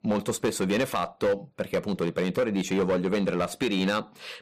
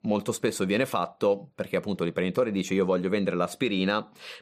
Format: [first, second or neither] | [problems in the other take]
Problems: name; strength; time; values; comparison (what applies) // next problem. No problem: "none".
second | distortion; slight; 8% of the sound clipped